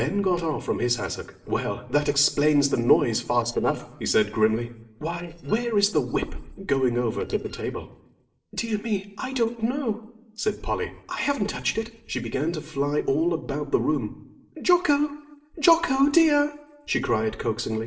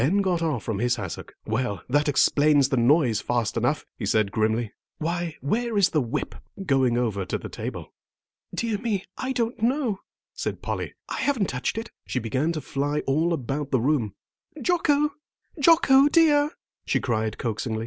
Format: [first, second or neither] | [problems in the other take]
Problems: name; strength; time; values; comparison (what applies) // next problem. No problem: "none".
second | noise reduction (neural separator model SepFormer DNS4)